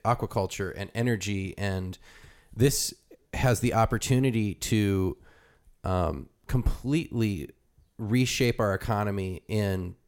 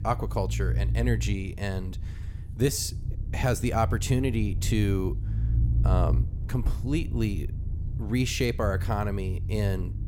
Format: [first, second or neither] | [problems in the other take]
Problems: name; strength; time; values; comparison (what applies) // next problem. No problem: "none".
first | low rumble; noticeable; throughout; 15 dB below the speech